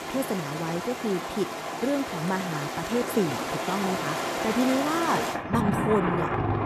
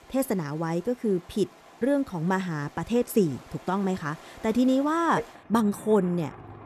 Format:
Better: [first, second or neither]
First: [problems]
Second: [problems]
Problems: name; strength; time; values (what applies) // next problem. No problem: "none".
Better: second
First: rain or running water; loud; throughout; as loud as the speech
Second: rain or running water; faint; throughout; 20 dB below the speech